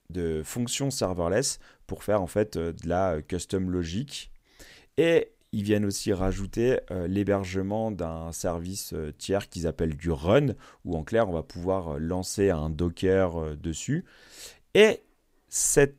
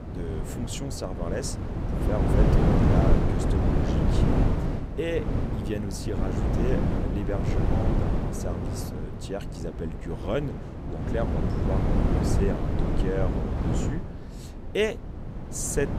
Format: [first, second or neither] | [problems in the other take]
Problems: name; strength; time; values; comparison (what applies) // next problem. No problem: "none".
first | wind noise on the microphone; heavy; 1 dB above the speech